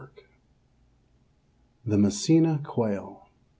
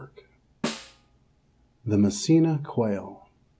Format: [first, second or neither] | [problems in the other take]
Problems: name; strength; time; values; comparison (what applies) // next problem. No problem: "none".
first | background sound (Snare drum); 11 dB below the speech